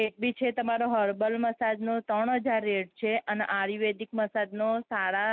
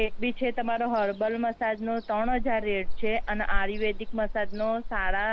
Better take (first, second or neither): first